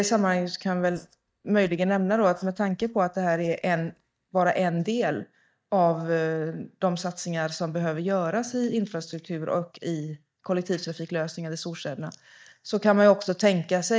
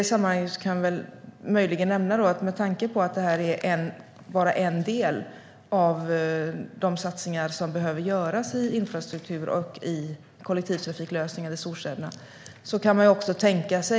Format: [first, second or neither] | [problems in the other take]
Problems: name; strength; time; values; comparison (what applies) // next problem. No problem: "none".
second | noise reduction (neural mask model DeepFilterNet 3)